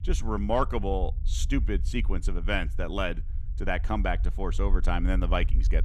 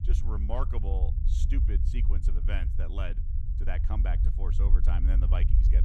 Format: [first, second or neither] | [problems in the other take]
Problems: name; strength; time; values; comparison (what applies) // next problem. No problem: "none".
first | low rumble; loud; throughout; 6 dB below the speech; faint in the first